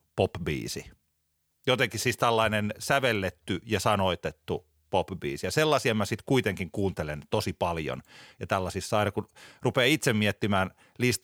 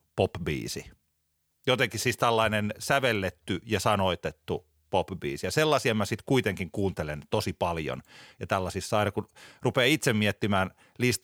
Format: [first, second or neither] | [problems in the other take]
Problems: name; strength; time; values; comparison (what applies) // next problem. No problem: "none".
neither | none